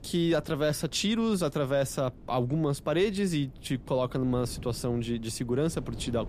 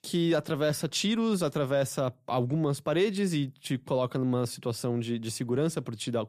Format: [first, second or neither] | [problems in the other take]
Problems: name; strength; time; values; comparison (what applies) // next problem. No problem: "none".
second | wind noise on the microphone; occasional gusts; 25 dB below the speech